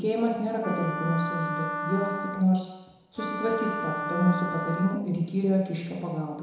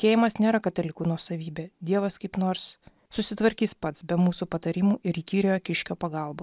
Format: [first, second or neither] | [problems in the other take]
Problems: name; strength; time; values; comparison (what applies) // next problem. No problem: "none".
second | background sound (Wind instrument, woodwind instrument); 5 dB below the speech // room echo; dies away in 1 s